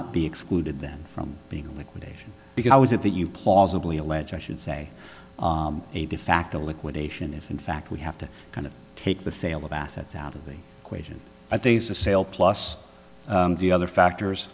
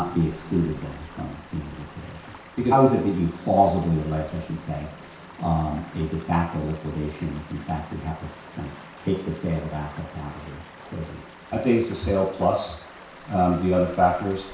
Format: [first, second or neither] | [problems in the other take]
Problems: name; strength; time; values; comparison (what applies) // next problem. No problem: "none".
first | background sound (Stream); 19 dB below the speech // room echo; dies away in 0.6 s